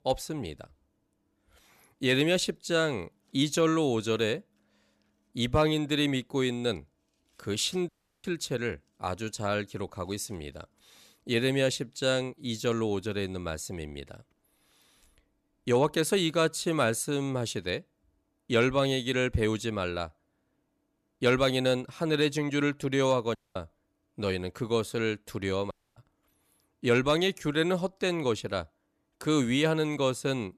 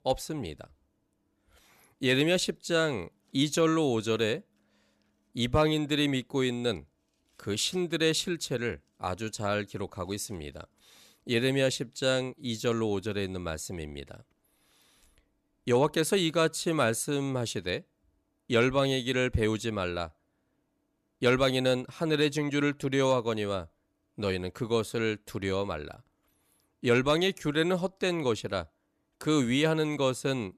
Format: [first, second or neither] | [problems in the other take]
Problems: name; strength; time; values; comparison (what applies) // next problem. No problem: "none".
second | audio cutting out; at 8 s, at 23 s and at 26 s